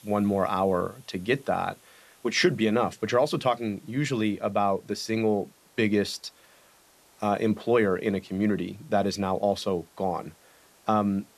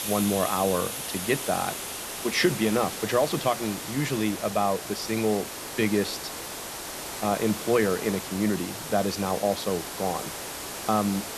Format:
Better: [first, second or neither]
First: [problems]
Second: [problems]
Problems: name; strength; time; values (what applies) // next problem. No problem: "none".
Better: first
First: hiss; faint; throughout; 30 dB below the speech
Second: hiss; loud; throughout; 6 dB below the speech